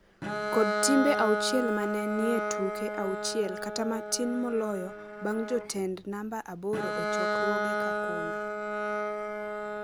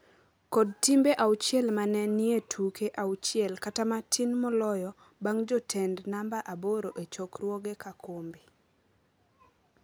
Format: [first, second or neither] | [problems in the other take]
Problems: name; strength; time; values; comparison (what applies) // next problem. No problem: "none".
second | background sound (Bowed string instrument); 1 dB below the speech